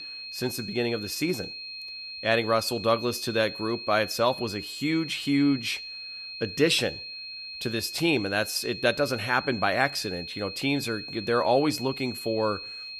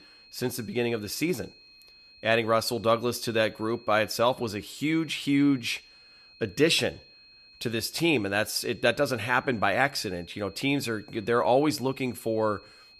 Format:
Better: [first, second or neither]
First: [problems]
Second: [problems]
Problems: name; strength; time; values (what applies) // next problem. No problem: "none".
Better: second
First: high-pitched whine; loud; throughout; 4 kHz, 9 dB below the speech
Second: high-pitched whine; faint; throughout; 4 kHz, 25 dB below the speech